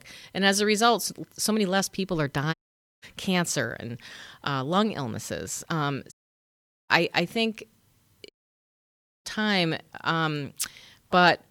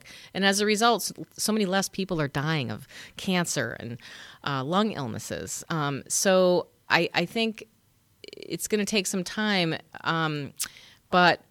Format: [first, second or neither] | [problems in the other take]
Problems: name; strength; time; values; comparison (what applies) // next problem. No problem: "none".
second | audio cutting out; at 2.5 s, at 6 s for 1 s and at 8.5 s for 1 s